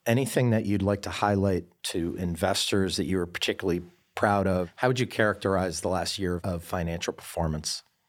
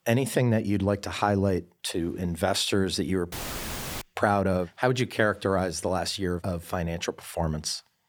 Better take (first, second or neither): first